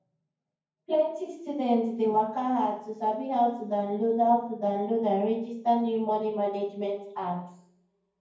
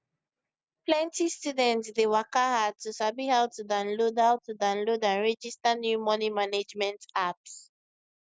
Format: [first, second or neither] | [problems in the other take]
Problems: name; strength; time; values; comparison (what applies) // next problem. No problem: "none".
second | room echo; dies away in 0.9 s